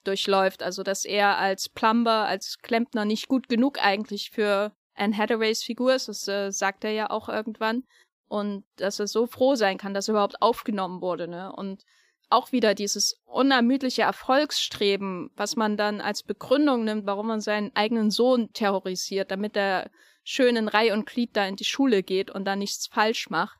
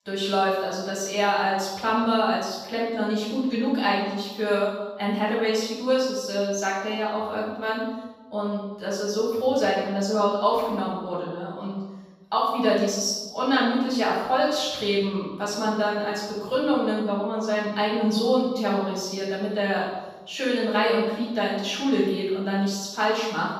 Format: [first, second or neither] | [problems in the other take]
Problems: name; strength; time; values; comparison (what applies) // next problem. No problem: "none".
first | off-mic speech; far // room echo; strong; dies away in 1.2 s